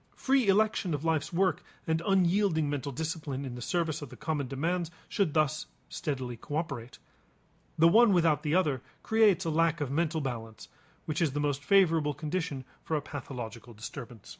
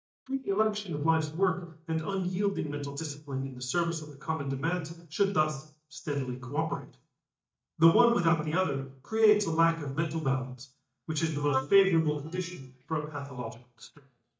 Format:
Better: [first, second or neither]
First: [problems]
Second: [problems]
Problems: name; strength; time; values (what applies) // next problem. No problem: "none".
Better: first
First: none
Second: noise reduction (neural mask model DeepFilterNet 3)